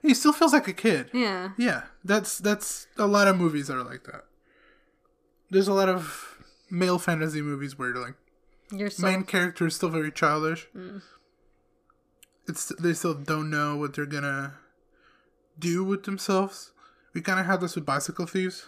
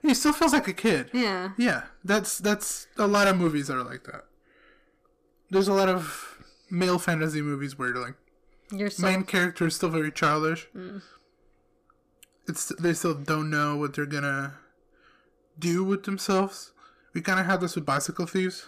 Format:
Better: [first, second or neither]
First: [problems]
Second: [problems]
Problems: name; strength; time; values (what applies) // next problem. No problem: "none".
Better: first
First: none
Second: distortion; slight; 4% of the sound clipped